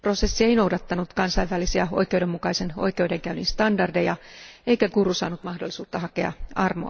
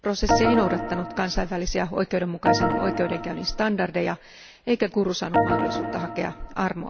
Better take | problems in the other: first | background sound (Organ); 1 dB above the speech

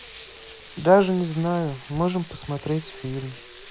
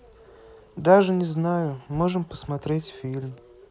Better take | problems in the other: second | background sound (Frying (food)); 20 dB below the speech

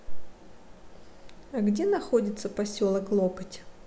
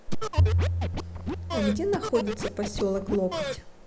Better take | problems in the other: first | background sound (Bowed string instrument + Scratching (performance technique)); 1 dB above the speech

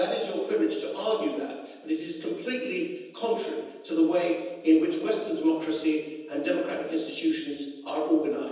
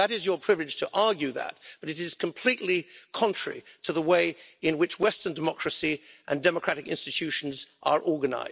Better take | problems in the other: second | room echo; dies away in 1.1 s

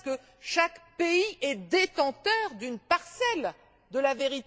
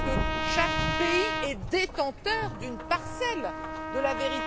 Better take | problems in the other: first | background sound (Trumpet + Rain / Thunderstorm); as loud as the speech

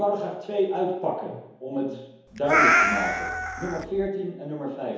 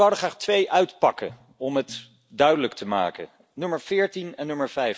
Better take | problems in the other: second | background sound (Meow); 5 dB above the speech // room echo; dies away in 1 s

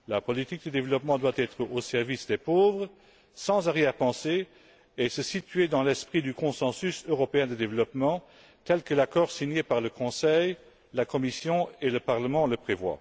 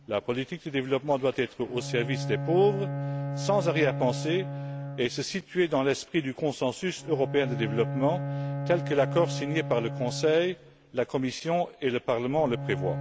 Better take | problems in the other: first | background sound (Bowed string instrument); 7 dB below the speech

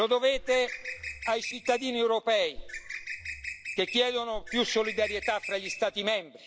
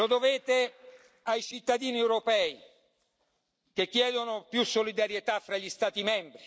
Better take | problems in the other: second | background sound (Bird); 10 dB below the speech

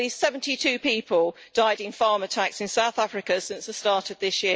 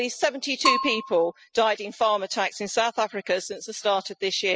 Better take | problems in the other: first | noise reduction (classical method spectral subtraction)

